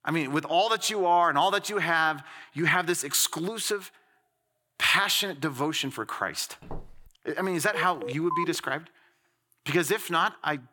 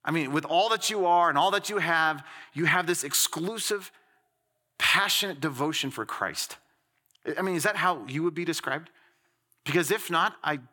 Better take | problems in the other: second | footsteps; faint; at 6.5 s; peak 20 dB below the speech // phone ringing; noticeable; at 7.5 s; peak 5 dB below the speech

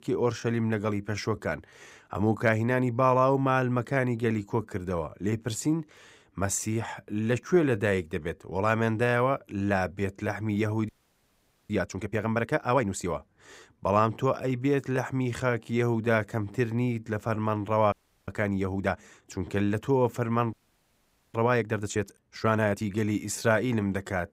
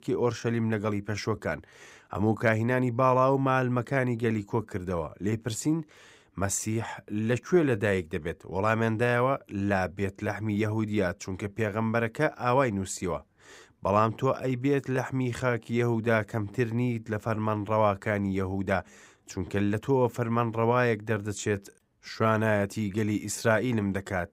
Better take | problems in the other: second | audio freezing; at 11 s for 1 s, at 18 s and at 21 s for 1 s

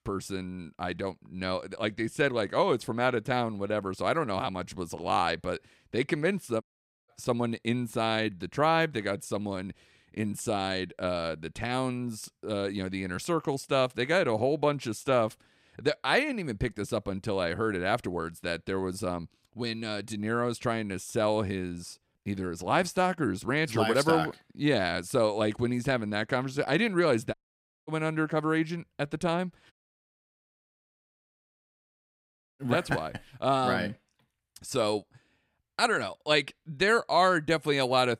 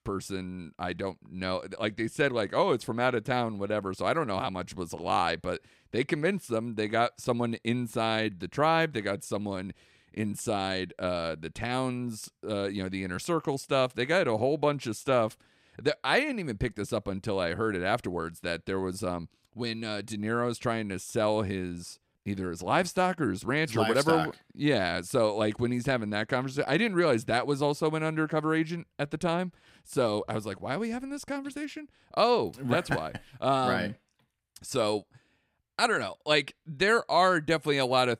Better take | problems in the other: second | audio cutting out; at 6.5 s, at 27 s for 0.5 s and at 30 s for 3 s

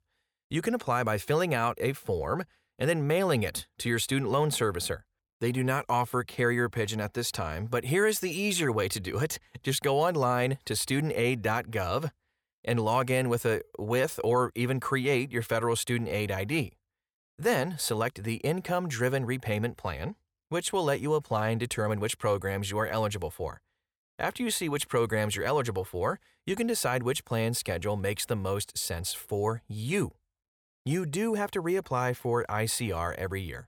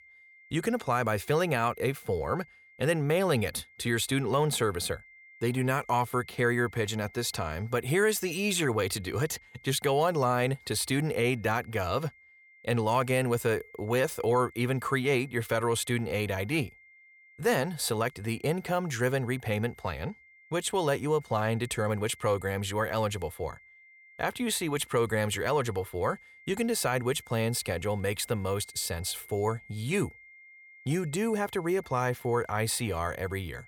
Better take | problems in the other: first | high-pitched whine; faint; throughout; 2 kHz, 25 dB below the speech

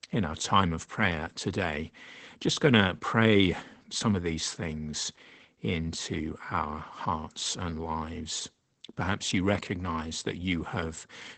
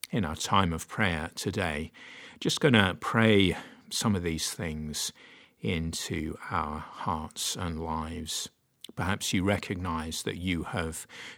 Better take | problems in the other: second | garbled, watery; badly; nothing above 8 kHz

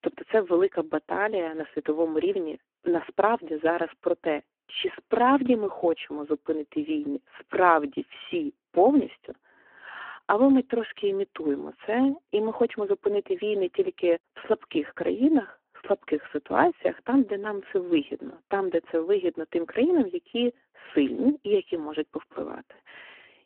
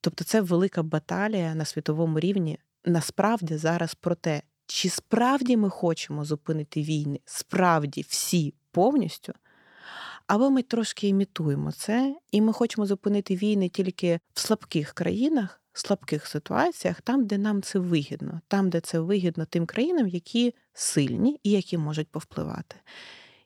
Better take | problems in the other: second | phone-call audio; poor line

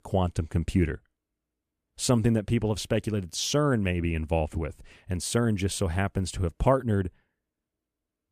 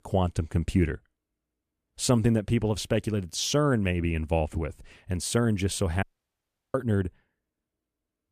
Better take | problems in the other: first | audio cutting out; at 6 s for 0.5 s

